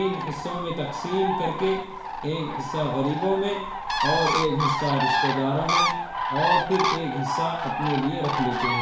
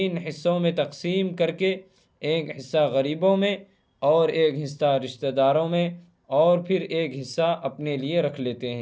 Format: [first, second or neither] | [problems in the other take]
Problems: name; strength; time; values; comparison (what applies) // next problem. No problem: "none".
second | background sound (Bird); as loud as the speech // room echo; dies away in 0.7 s